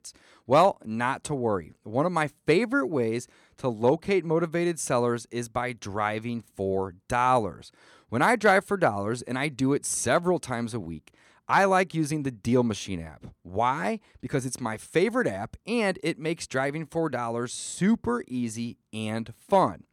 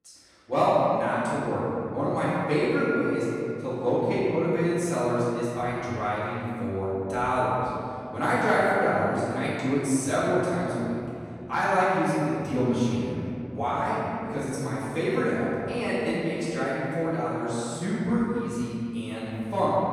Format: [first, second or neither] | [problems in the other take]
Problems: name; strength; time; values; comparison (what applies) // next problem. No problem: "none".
first | room echo; strong; dies away in 2.6 s // off-mic speech; far